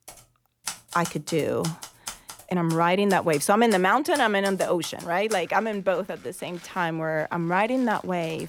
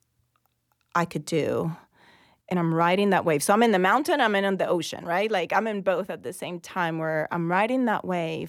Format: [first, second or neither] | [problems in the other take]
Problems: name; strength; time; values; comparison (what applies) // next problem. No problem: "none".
second | household noises; noticeable; throughout; 15 dB below the speech